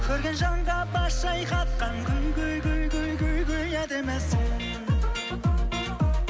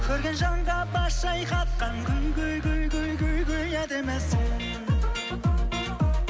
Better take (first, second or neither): second